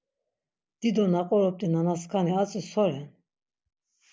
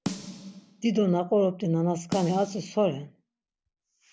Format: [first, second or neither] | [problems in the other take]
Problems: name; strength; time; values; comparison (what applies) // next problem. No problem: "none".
first | background sound (Snare drum); 13 dB below the speech